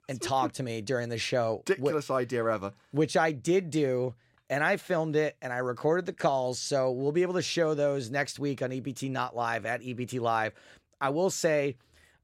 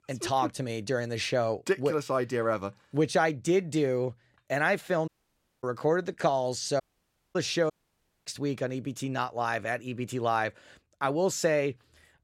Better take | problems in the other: first | audio cutting out; at 5 s for 0.5 s, at 7 s for 0.5 s and at 7.5 s for 0.5 s

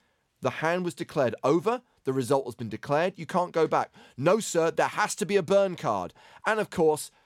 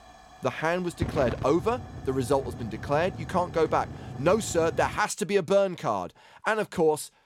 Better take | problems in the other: first | hiss; noticeable; until 5 s; 10 dB below the speech

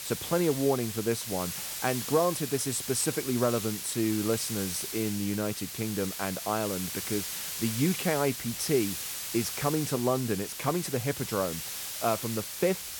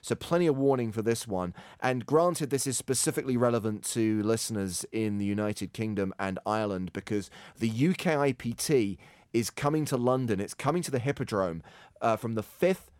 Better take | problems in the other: second | hiss; loud; throughout; 4 dB below the speech

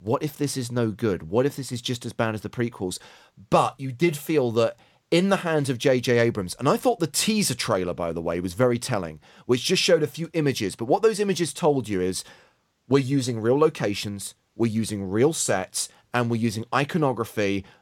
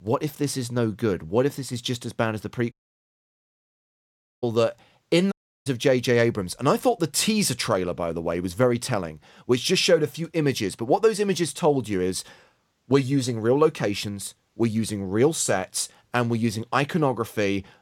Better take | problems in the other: first | audio cutting out; at 2.5 s for 1.5 s and at 5.5 s

